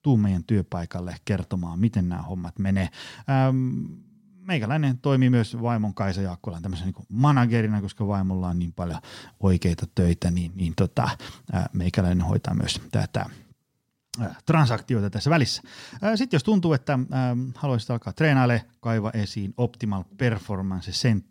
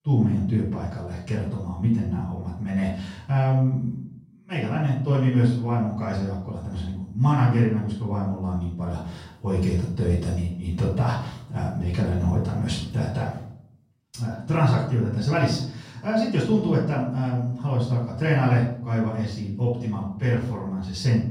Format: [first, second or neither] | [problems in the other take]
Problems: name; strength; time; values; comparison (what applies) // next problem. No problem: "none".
first | off-mic speech; far // room echo; noticeable; dies away in 0.6 s